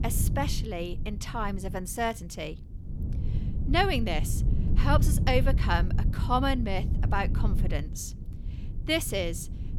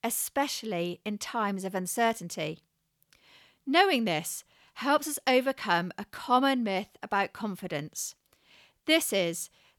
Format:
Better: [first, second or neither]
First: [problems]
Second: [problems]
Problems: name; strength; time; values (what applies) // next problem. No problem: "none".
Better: second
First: wind noise on the microphone; occasional gusts; 15 dB below the speech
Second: none